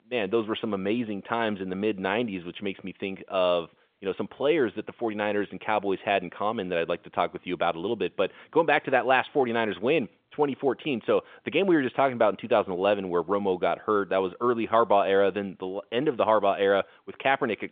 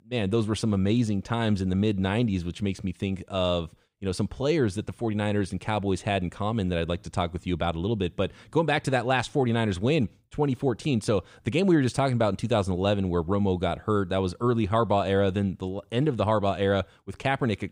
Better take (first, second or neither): second